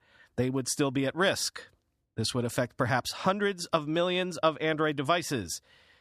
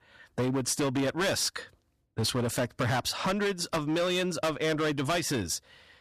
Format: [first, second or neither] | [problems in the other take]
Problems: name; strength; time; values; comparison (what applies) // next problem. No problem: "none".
first | distortion; heavy; 18% of the sound clipped